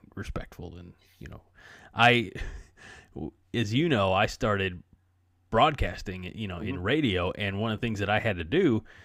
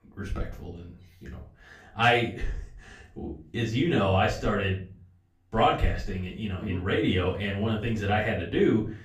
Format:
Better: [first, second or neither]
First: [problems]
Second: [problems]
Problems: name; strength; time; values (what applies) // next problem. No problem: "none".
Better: first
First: none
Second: off-mic speech; far // room echo; slight; dies away in 0.4 s